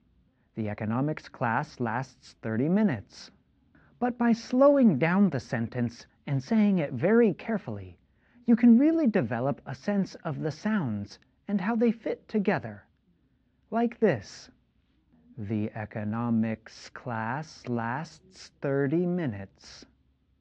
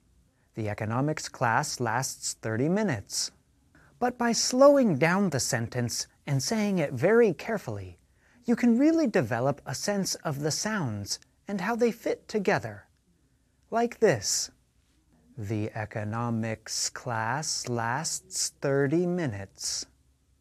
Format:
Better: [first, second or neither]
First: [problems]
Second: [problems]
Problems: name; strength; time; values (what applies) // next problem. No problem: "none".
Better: second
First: muffled; very; fading above 3.5 kHz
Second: none